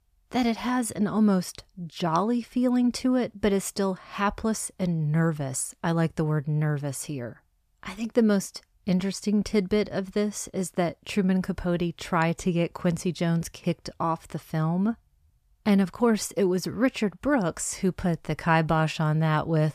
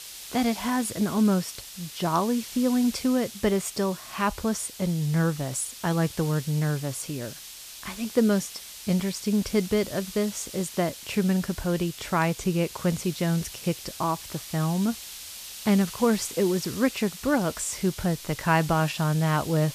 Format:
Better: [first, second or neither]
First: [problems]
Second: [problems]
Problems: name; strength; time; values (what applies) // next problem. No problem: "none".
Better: first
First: none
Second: hiss; noticeable; throughout; 10 dB below the speech